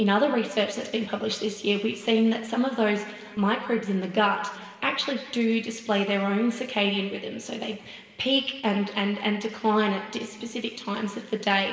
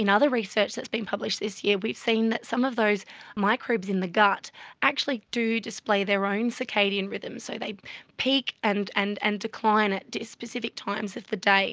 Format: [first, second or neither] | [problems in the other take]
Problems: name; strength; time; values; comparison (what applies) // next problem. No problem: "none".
second | room echo; dies away in 2.3 s